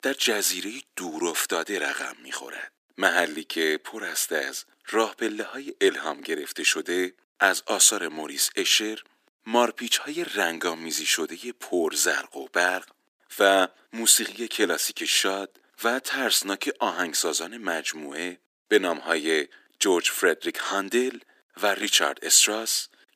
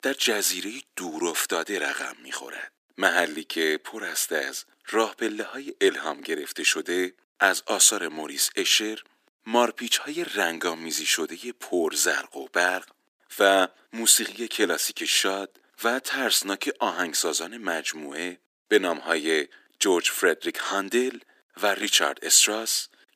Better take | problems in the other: neither | thin; very; fading below 300 Hz; the same in both

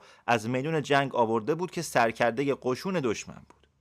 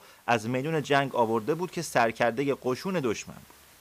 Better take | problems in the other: first | hiss; faint; throughout; 25 dB below the speech

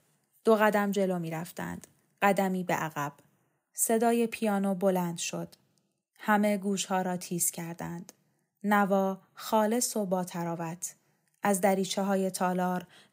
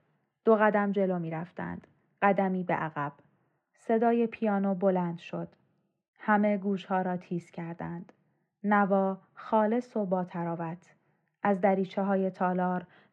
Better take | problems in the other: first | muffled; very; fading above 2 kHz

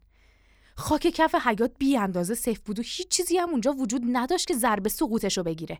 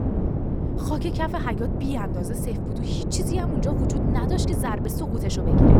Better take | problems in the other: first | wind noise on the microphone; heavy; 1 dB below the speech

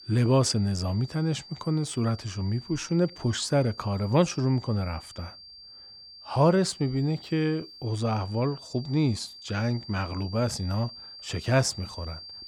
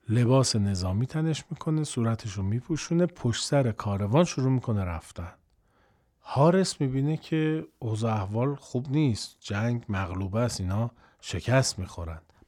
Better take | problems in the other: second | high-pitched whine; noticeable; throughout; 4.5 kHz, 15 dB below the speech

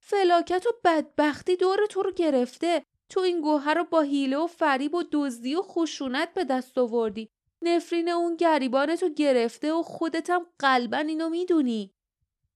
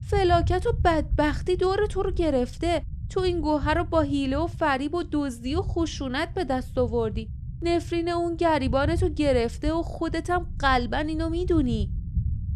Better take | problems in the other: first | low rumble; faint; throughout; 20 dB below the speech

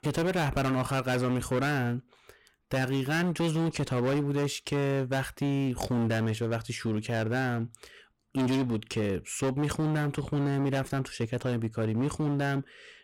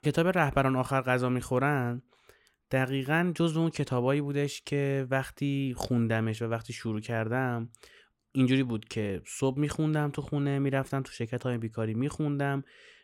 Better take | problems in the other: second | distortion; heavy; 19% of the sound clipped

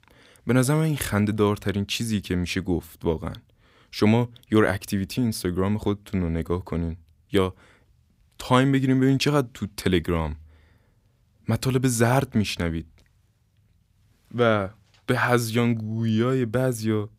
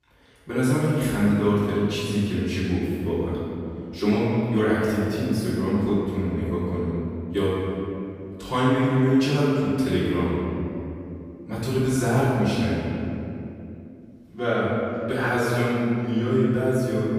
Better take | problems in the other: first | room echo; strong; dies away in 2.8 s // off-mic speech; far

